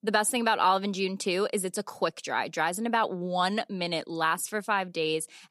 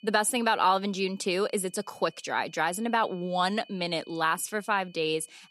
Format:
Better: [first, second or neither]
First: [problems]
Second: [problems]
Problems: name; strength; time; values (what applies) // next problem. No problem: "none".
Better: first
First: none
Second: high-pitched whine; faint; throughout; 3 kHz, 25 dB below the speech